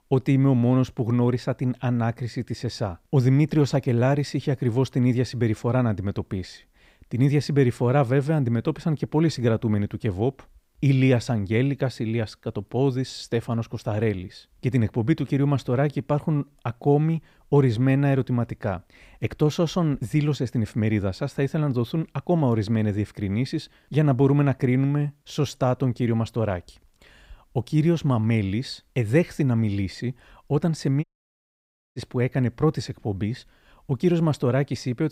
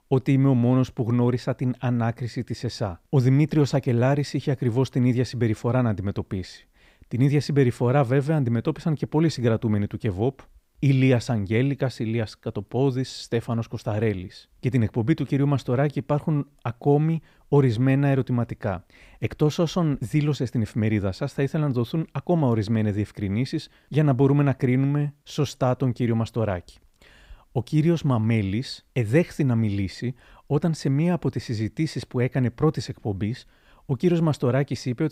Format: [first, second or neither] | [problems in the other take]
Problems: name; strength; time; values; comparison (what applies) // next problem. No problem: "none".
second | audio cutting out; at 31 s for 1 s